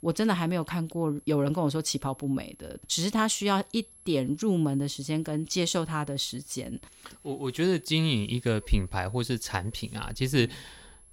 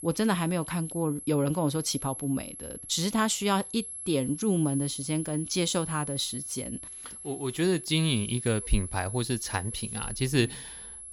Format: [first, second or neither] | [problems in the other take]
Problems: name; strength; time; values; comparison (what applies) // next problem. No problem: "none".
first | high-pitched whine; loud; throughout; 11 kHz, 9 dB below the speech; faint in the first